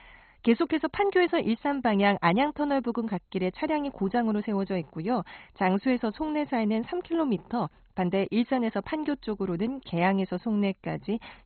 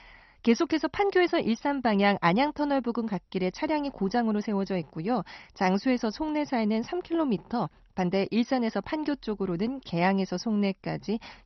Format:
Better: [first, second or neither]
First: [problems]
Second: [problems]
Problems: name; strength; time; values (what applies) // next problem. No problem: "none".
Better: second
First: garbled, watery; badly; nothing above 4 kHz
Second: garbled, watery; slightly; nothing above 6 kHz